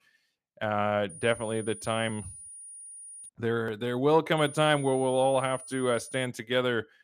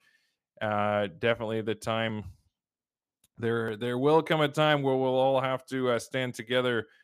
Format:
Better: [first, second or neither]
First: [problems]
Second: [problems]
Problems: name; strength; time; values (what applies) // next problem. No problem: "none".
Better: second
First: high-pitched whine; noticeable; from 1 to 3.5 s and from 4.5 to 6.5 s; 9.5 kHz, 15 dB below the speech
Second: none